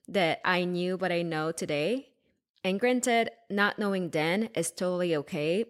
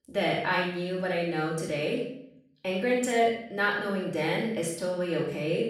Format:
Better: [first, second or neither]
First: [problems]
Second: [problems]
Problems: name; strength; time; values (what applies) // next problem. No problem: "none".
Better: first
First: none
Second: off-mic speech; far // room echo; noticeable; dies away in 0.6 s